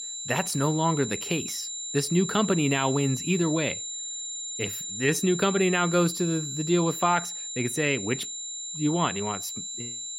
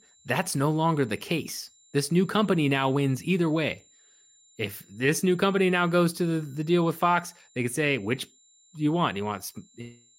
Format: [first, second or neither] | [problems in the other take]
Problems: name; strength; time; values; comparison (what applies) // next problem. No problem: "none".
second | high-pitched whine; loud; throughout; 7 kHz, 6 dB below the speech; faint in the second